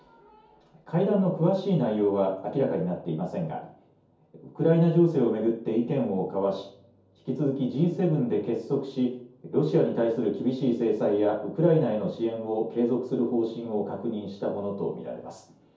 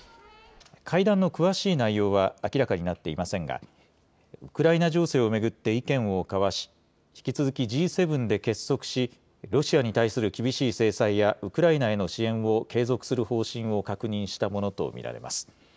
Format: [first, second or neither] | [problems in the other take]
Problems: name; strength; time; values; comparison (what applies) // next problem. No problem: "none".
second | room echo; dies away in 0.6 s